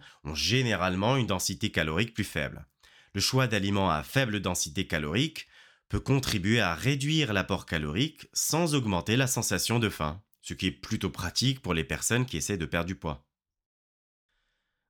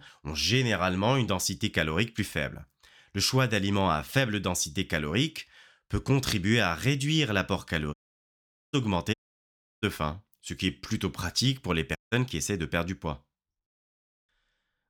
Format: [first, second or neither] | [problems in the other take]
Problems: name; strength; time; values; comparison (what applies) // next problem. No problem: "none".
first | audio cutting out; at 8 s for 1 s, at 9 s for 0.5 s and at 12 s